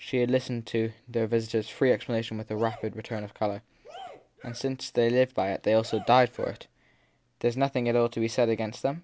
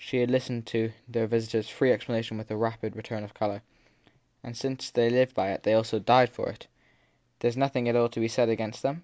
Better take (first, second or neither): second